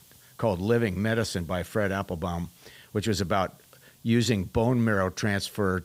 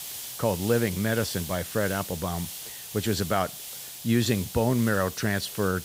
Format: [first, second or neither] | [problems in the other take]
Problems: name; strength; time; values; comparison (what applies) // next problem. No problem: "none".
first | hiss; loud; throughout; 9 dB below the speech; faint in the first